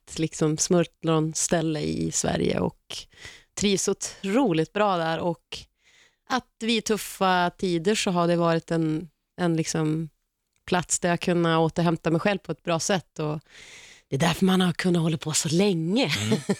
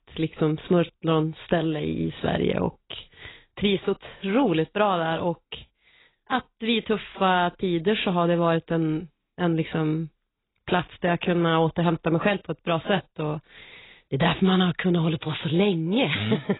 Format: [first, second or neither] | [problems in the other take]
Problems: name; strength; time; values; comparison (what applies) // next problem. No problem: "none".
first | garbled, watery; badly; nothing above 4 kHz